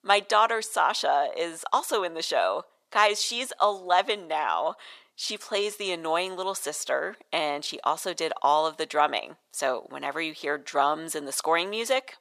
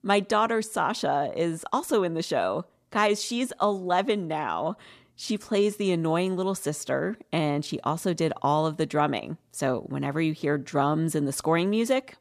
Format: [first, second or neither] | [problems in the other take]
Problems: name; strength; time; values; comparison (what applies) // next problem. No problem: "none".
second | thin; very; fading below 700 Hz